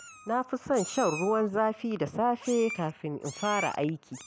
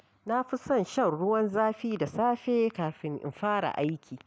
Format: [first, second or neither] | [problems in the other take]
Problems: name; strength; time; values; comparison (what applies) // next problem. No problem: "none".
second | background sound (Meow); 14 dB below the speech